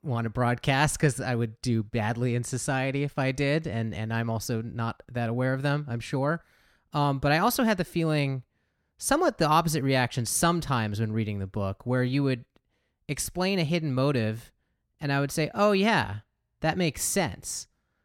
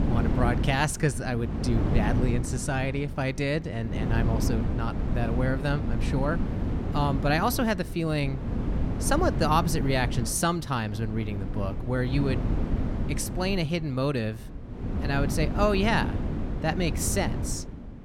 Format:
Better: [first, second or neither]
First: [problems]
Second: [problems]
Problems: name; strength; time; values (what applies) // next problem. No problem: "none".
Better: first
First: none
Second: wind noise on the microphone; heavy; 9 dB below the speech